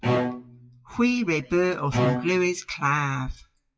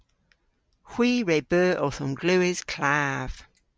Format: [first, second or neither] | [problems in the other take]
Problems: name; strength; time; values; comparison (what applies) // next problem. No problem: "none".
second | noise reduction (classical method WPE with log-MMSE)